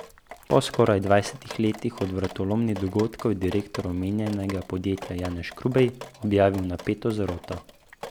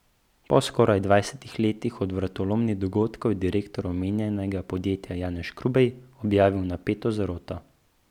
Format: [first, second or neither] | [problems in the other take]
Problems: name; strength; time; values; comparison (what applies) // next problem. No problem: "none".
second | background sound (Drip); 17 dB below the speech